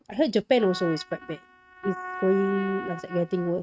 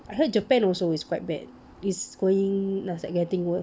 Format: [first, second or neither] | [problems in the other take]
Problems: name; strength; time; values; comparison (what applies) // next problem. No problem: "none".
second | noise reduction (neural mask model RNNoise)